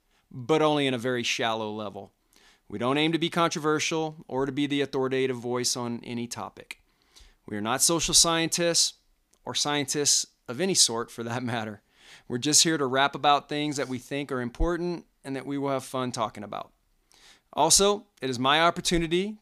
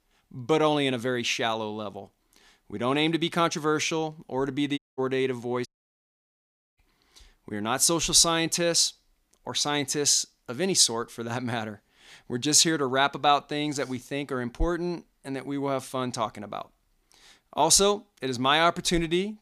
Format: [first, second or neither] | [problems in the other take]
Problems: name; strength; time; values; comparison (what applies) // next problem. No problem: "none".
first | audio cutting out; at 5 s and at 5.5 s for 1 s